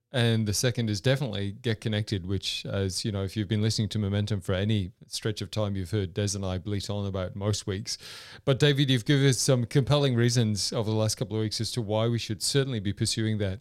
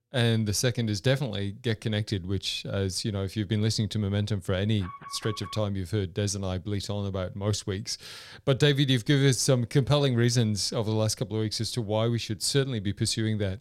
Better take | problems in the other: first | alarm; faint; at 5 s; peak 15 dB below the speech

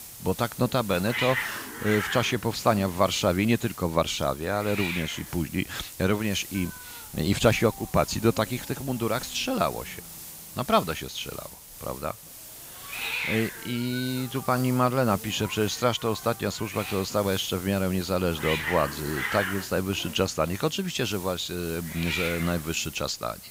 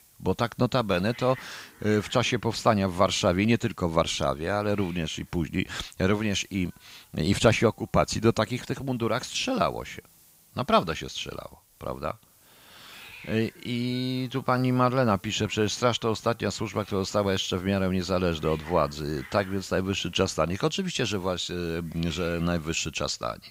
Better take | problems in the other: second | hiss; loud; throughout; 8 dB below the speech; faint in the second

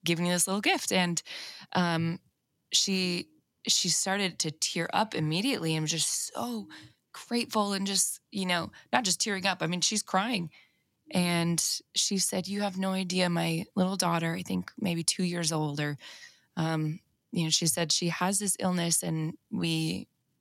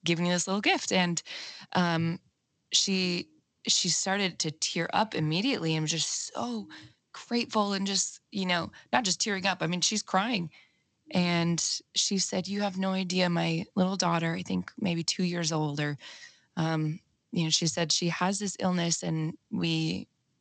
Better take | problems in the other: first | garbled, watery; slightly; nothing above 7.5 kHz

